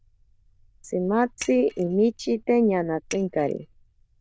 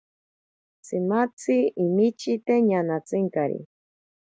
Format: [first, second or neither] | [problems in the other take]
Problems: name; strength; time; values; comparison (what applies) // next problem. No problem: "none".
second | noise reduction (neural diffusion model UNIVERSE++)